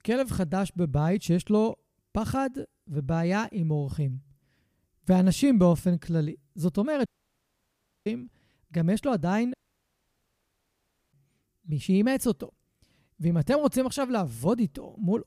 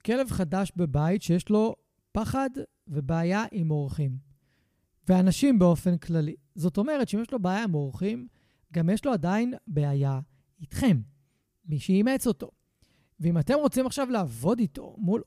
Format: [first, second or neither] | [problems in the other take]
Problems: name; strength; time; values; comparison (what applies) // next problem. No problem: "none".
second | audio cutting out; at 7 s for 1 s and at 9.5 s for 1.5 s